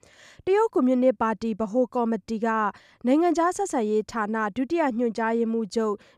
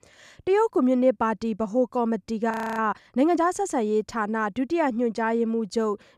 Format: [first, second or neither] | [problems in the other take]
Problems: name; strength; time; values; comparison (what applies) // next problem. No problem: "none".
first | audio freezing; at 2.5 s